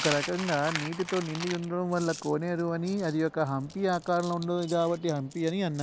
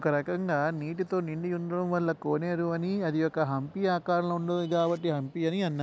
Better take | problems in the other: second | background sound (Coin (dropping)); 12 dB below the speech

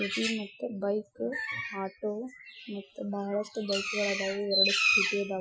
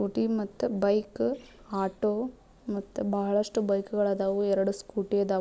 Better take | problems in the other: second | noise reduction (classical method Wiener filter)

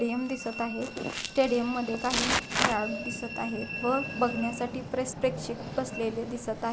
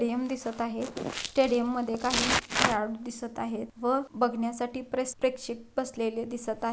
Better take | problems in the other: second | background sound (Train); 9 dB below the speech

